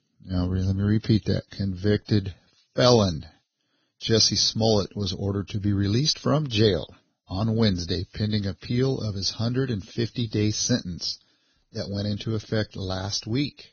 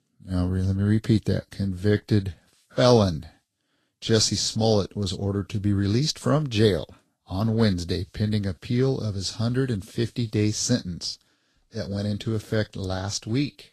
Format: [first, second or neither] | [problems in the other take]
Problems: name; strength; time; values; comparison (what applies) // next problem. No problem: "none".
second | garbled, watery; badly; nothing above 6.5 kHz; slightly in the second